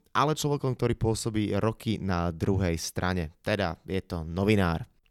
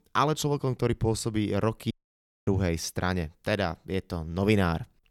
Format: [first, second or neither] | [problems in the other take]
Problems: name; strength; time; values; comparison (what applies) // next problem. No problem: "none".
first | audio cutting out; at 2 s for 0.5 s